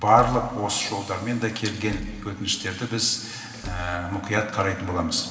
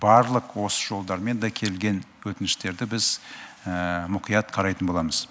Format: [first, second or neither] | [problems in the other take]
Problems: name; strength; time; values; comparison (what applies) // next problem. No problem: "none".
second | background sound (Door / Car); 16 dB below the speech // room echo; dies away in 2.4 s